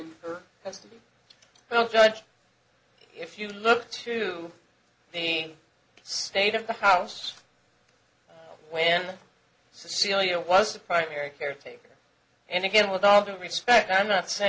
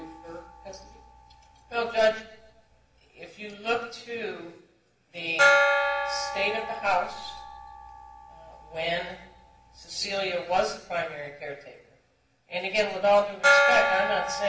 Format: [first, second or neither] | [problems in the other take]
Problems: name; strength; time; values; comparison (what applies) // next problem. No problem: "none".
first | background sound (Gong); as loud as the speech // room echo; dies away in 0.9 s